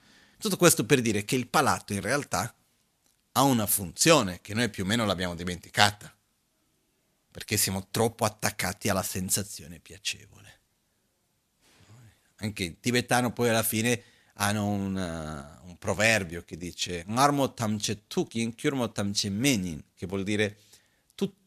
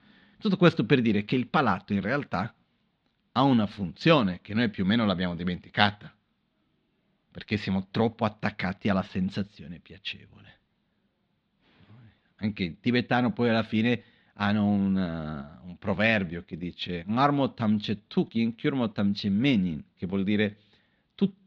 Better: first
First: none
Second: muffled; slightly; fading above 4 kHz

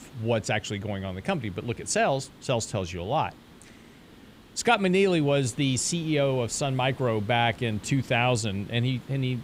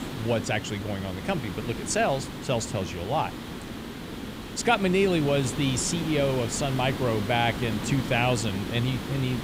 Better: first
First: hiss; faint; throughout; 20 dB below the speech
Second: hiss; loud; throughout; 8 dB below the speech

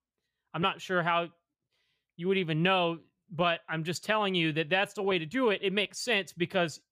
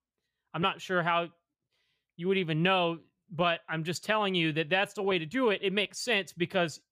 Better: neither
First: none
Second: none

